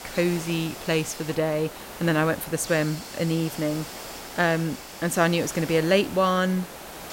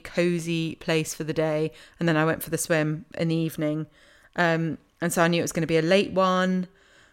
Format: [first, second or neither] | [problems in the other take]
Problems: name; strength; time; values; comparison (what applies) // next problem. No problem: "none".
second | hiss; noticeable; throughout; 10 dB below the speech